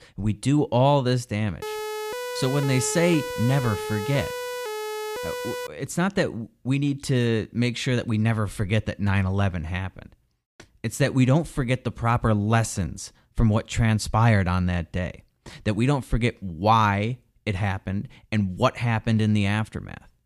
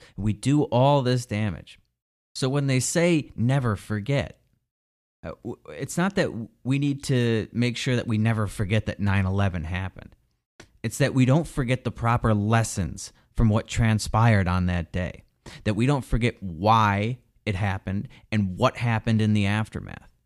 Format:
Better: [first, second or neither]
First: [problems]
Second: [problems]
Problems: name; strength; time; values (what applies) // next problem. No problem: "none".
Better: second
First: siren; noticeable; from 1.5 to 5.5 s; peak 7 dB below the speech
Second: none